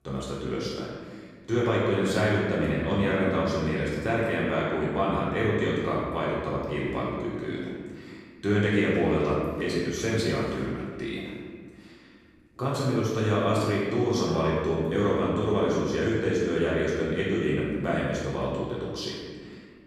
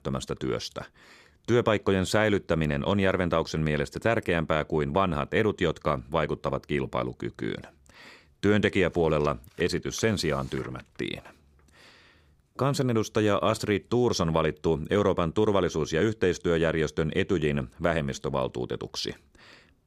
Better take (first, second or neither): second